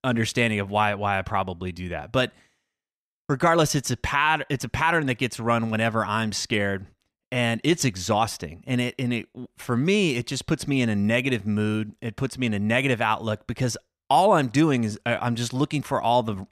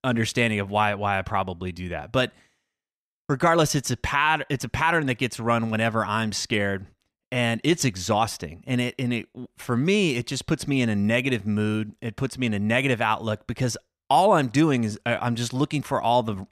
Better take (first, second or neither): neither